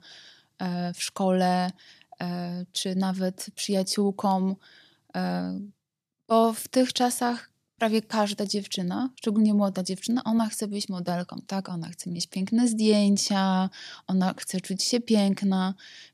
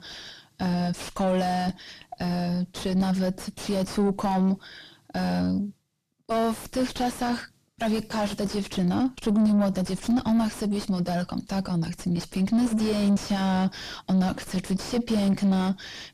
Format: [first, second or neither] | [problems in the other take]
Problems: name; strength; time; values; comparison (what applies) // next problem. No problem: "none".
first | distortion; heavy; 3 dB below the speech